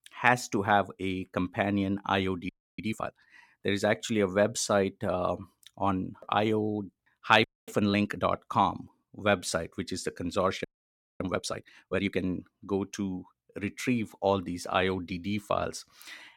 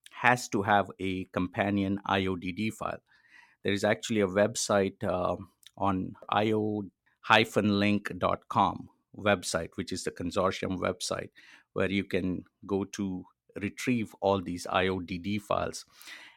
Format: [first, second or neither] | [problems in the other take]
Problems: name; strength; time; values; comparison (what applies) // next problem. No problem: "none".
second | audio freezing; at 2.5 s, at 7.5 s and at 11 s for 0.5 s